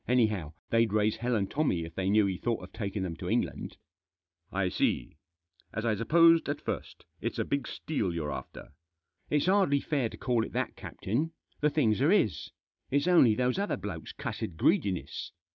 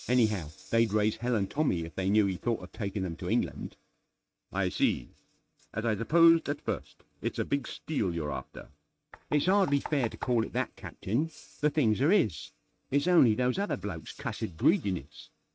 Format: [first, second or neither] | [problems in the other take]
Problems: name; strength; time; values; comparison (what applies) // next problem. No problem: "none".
first | noise reduction (neural mask model RNNoise)